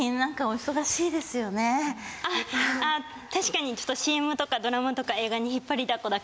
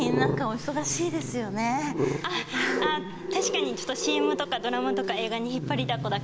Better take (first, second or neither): first